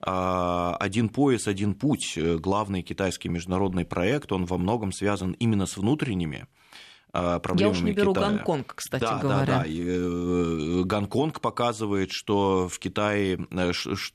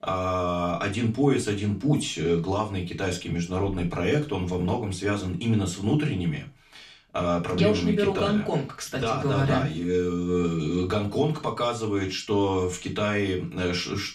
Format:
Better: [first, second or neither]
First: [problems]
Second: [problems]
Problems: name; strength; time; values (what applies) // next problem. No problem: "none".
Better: first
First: none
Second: room echo; slight; dies away in 0.3 s // off-mic speech; far